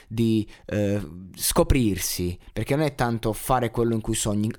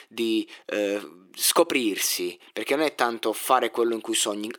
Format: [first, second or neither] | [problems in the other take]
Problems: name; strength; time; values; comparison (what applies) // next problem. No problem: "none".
first | thin; somewhat; fading below 350 Hz